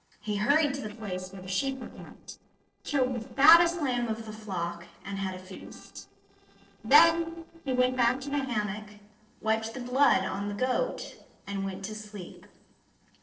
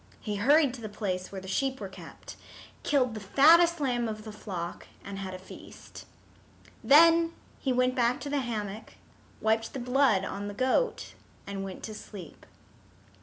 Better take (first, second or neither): second